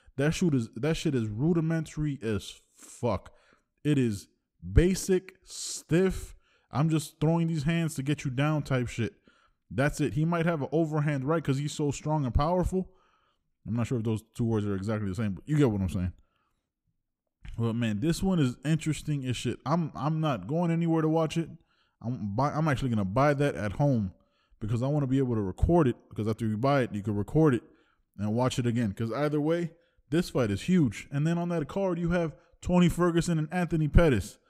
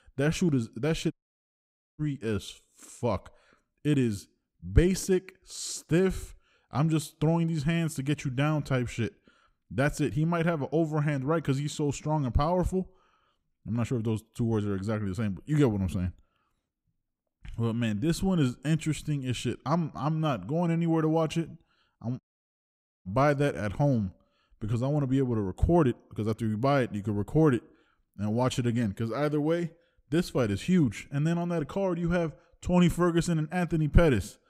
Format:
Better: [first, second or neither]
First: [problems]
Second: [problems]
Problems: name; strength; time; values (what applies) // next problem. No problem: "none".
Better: first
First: none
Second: audio cutting out; at 1 s for 1 s and at 22 s for 1 s